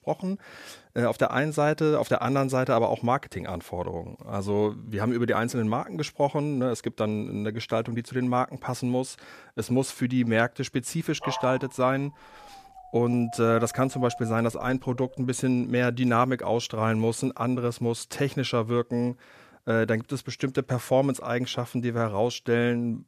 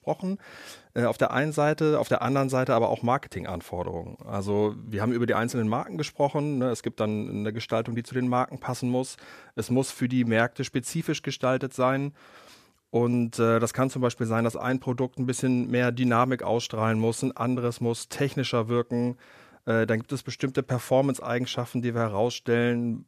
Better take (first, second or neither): second